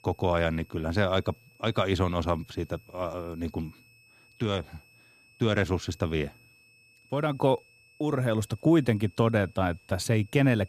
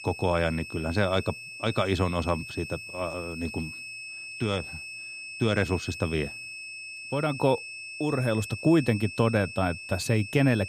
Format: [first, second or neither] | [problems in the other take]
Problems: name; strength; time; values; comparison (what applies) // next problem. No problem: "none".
first | high-pitched whine; loud; throughout; 2.5 kHz, 10 dB below the speech; faint in the first